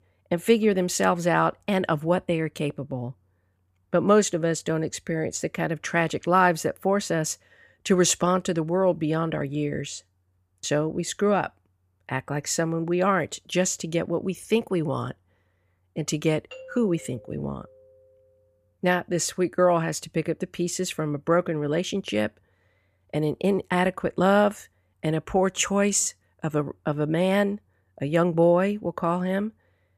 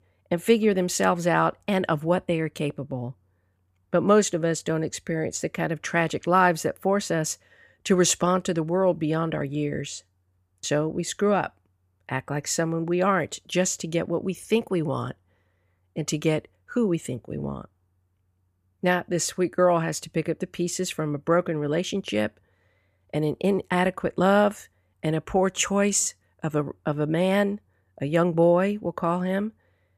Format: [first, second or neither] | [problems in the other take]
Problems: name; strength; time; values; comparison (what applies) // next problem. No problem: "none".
second | doorbell; faint; from 17 to 18 s; peak 20 dB below the speech